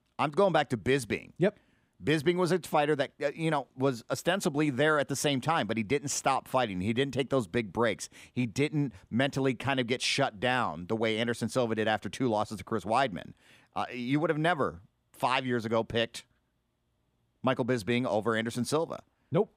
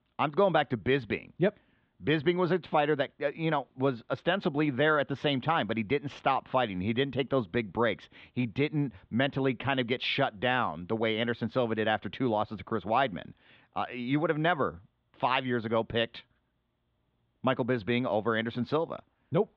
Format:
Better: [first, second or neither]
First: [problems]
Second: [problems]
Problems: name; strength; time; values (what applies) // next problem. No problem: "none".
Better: first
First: none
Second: muffled; very; fading above 3.5 kHz